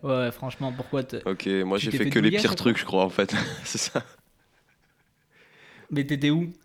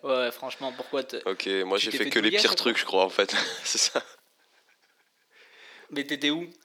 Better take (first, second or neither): first